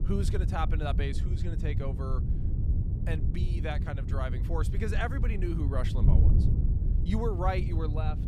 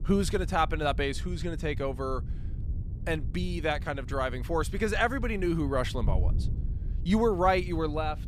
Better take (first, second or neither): second